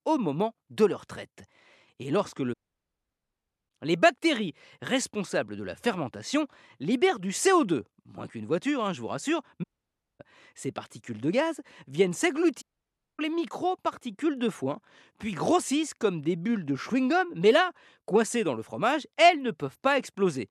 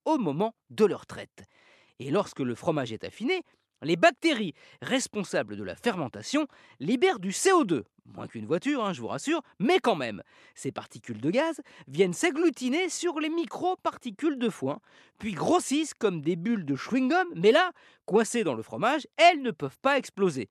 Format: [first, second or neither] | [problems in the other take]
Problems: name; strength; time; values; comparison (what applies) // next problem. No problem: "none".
second | audio cutting out; at 2.5 s for 1 s, at 9.5 s for 0.5 s and at 13 s for 0.5 s